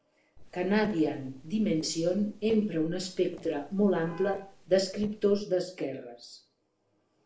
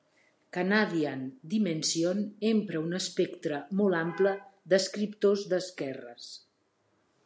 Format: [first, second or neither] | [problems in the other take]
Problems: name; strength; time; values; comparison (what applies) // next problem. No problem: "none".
second | noise reduction (neural separator model SepFormer DNS4)